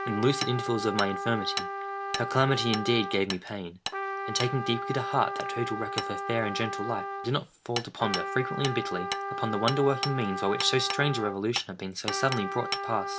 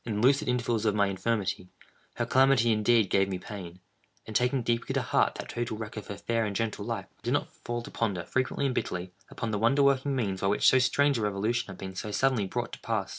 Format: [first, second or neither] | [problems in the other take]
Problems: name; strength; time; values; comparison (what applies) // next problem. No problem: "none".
second | background sound (Hammer + Trumpet); 4 dB below the speech